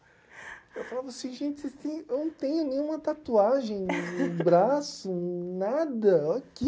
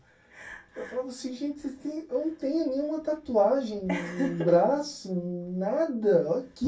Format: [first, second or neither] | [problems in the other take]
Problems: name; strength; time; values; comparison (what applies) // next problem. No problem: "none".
first | room echo; dies away in 0.2 s